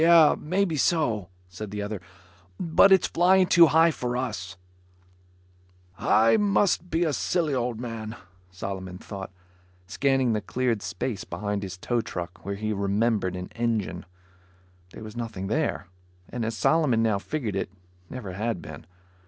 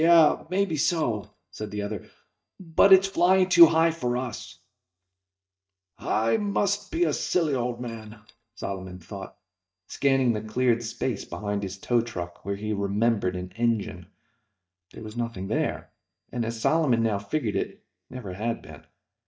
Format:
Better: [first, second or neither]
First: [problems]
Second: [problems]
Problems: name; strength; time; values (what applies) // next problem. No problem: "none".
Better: first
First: none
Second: noise reduction (neural mask model DeepFilterNet 3)